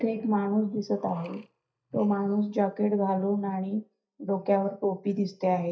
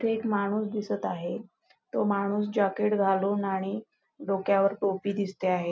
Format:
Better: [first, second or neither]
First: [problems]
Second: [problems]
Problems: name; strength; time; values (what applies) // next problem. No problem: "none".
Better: second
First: noise reduction (neural mask model DeepFilterNet 3)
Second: none